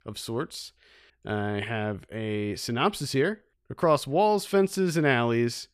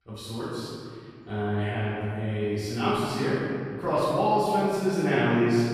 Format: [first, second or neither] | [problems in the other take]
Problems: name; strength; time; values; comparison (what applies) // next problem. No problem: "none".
first | off-mic speech; far // room echo; strong; dies away in 2.2 s